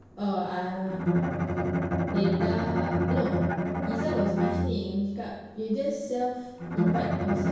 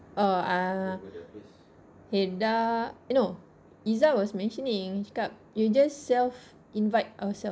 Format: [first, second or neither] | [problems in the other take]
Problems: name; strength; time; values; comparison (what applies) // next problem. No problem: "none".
second | background sound (Bowed string instrument); 2 dB above the speech // room echo; dies away in 1 s